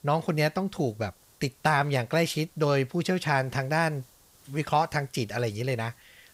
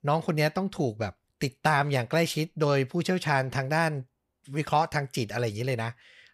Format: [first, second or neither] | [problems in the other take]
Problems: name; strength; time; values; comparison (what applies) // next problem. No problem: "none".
second | hiss; faint; throughout; 30 dB below the speech